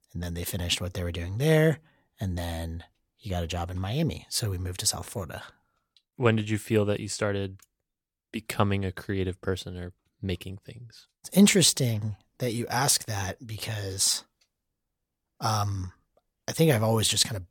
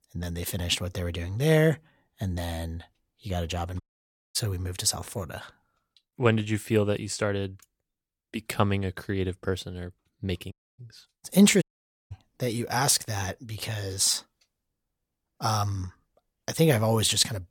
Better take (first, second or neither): first